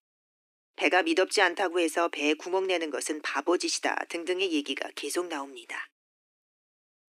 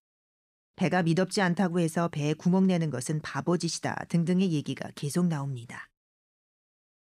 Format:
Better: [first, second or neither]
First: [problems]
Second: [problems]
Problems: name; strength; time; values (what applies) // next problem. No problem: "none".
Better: second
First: thin; very; fading below 300 Hz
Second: none